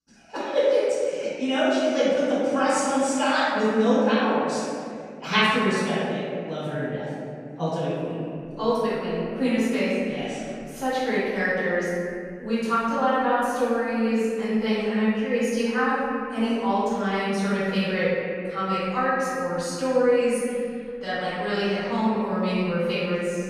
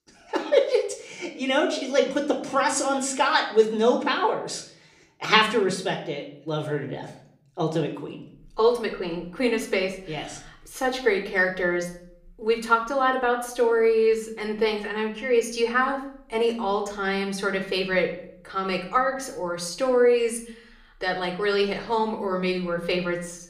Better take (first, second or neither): second